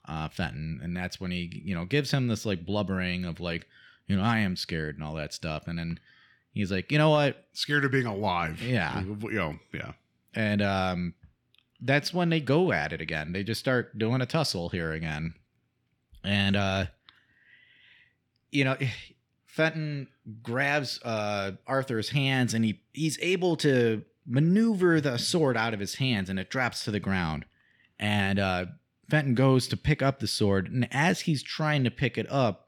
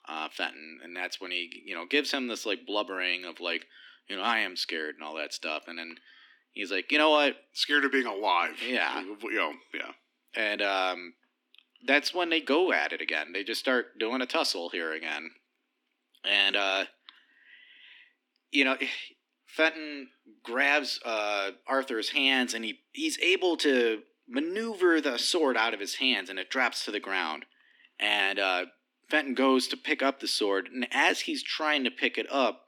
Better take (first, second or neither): first